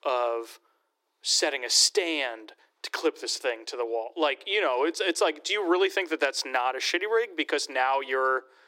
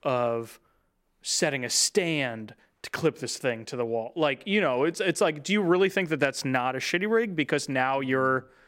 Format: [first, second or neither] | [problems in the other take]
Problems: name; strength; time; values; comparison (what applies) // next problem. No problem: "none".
second | thin; very; fading below 300 Hz